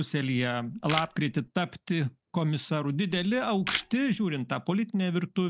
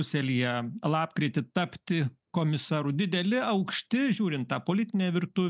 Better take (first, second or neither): second